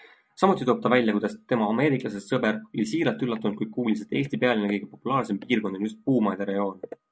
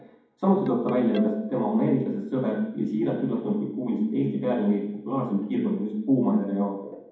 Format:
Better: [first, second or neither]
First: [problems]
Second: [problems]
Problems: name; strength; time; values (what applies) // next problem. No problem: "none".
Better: first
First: none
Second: background sound (Ringtone); 20 dB below the speech // room echo; dies away in 1.2 s